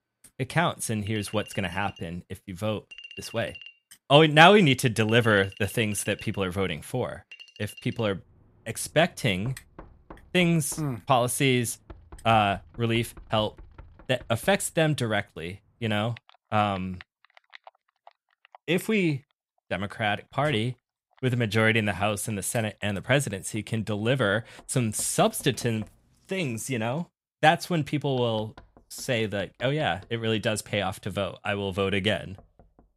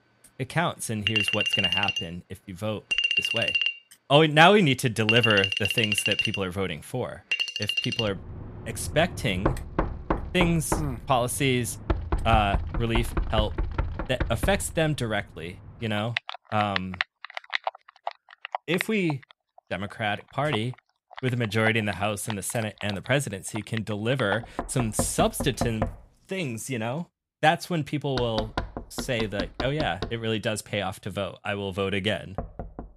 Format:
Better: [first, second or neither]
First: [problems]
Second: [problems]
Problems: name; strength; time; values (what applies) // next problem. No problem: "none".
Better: first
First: household noises; faint; throughout; 25 dB below the speech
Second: household noises; loud; throughout; 3 dB below the speech